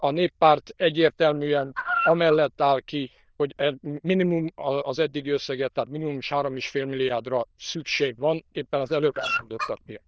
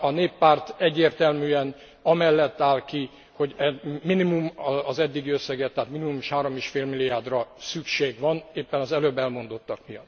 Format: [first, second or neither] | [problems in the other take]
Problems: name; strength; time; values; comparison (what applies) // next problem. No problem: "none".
second | noise reduction (neural diffusion model UNIVERSE++)